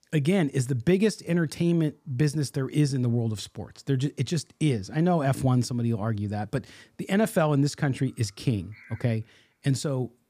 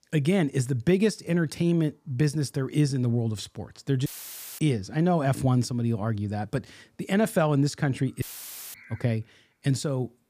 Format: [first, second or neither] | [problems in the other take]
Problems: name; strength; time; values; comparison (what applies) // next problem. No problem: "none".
first | audio cutting out; filled with static; at 4 s for 0.5 s and at 8 s for 0.5 s